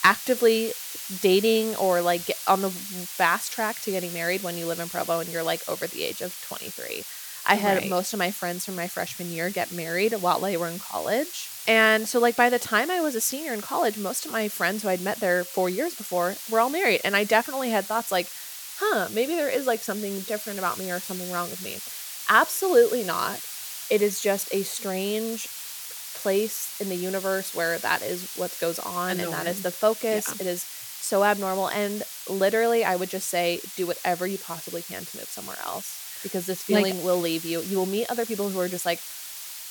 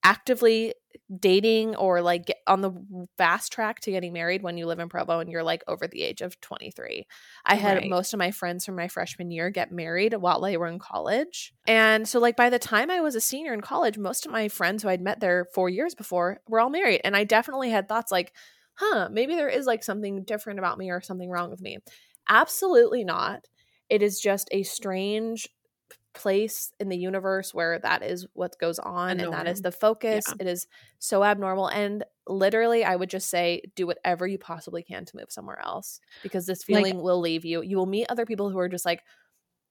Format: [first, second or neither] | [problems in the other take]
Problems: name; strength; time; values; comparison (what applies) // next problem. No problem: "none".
second | hiss; loud; throughout; 9 dB below the speech